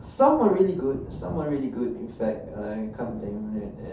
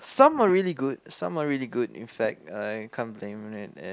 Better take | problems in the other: second | background sound (Thunder); 15 dB below the speech // room echo; dies away in 0.5 s

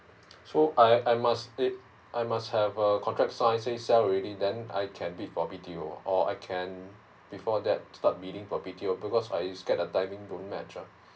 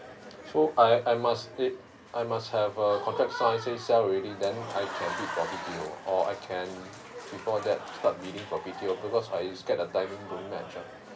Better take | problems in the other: first | background sound (Applause / Crowd); 12 dB below the speech

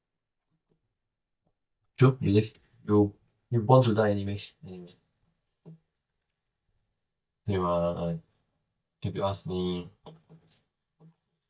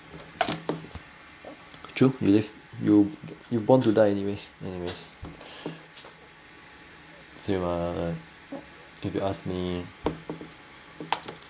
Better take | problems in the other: second | noise reduction (neural mask model DeepFilterNet 3)

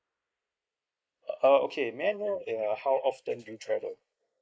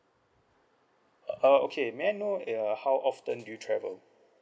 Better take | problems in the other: second | noise reduction (neural mask model Resemble Enhance denoiser)

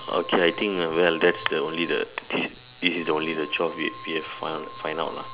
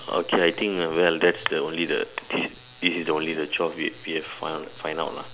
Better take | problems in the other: second | background sound (Wind instrument, woodwind instrument); 16 dB below the speech

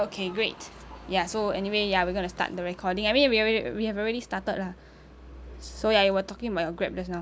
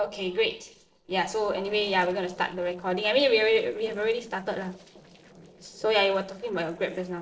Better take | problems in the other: first | noise reduction (neural separator model SepFormer DNS4)

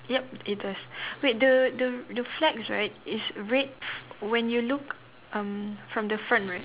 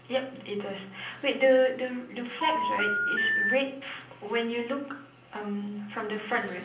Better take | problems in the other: first | background sound (Telephone); 2 dB above the speech // room echo; dies away in 0.6 s

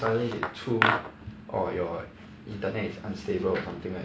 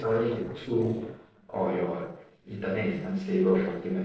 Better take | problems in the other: first | noise reduction (neural separator model SepFormer DNS4)

